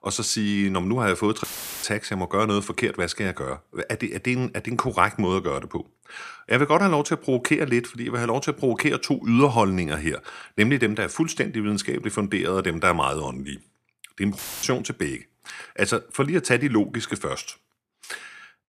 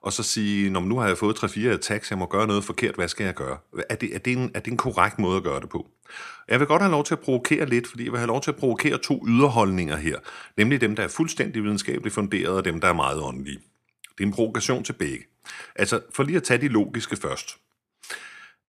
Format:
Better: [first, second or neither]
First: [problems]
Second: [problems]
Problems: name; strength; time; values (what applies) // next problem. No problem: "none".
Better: second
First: audio cutting out; filled with static; at 1.5 s and at 14 s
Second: none